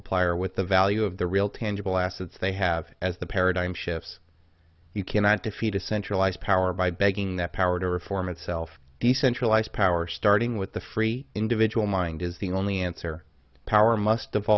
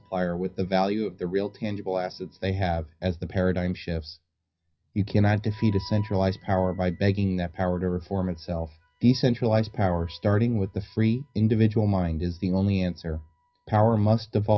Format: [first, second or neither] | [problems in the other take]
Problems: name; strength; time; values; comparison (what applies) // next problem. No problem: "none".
first | noise reduction (classical method WPE with log-MMSE)